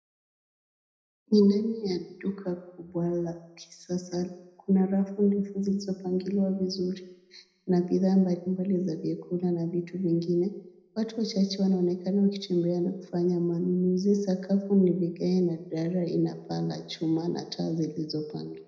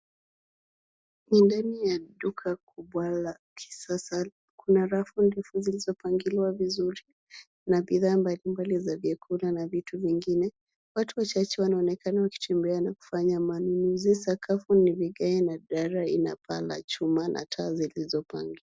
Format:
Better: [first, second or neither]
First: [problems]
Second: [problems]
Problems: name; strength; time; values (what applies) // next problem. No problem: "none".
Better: second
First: room echo; dies away in 0.8 s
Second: none